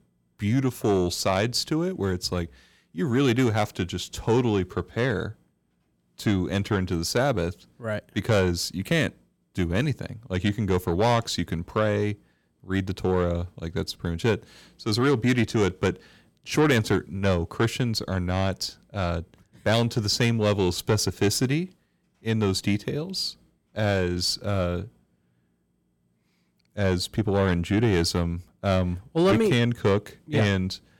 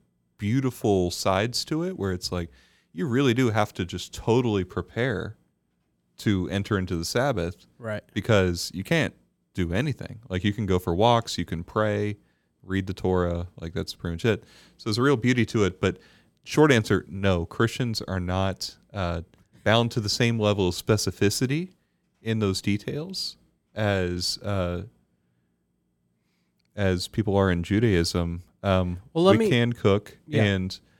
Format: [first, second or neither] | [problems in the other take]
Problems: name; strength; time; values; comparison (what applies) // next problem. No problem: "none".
second | distortion; slight; 10 dB below the speech